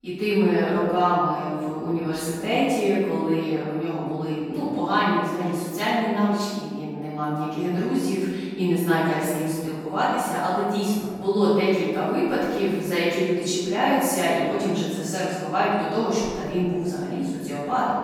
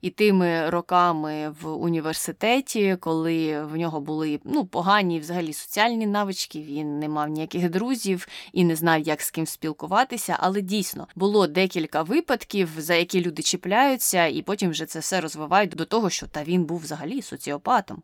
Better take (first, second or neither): second